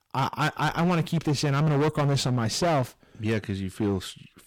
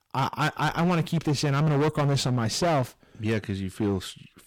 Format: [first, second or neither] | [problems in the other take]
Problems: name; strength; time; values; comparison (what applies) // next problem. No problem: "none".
neither | distortion; heavy; 16% of the sound clipped; the same in both